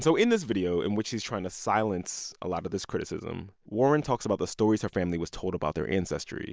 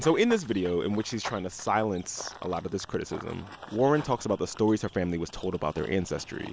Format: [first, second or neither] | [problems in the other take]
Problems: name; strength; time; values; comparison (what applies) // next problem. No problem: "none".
first | background sound (Run / Bird vocalization, bird call, bird song); 17 dB below the speech